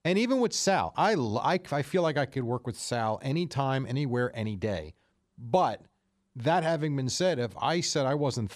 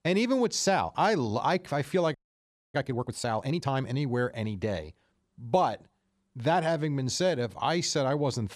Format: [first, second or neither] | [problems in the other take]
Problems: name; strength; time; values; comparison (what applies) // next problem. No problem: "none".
first | audio freezing; at 2 s for 0.5 s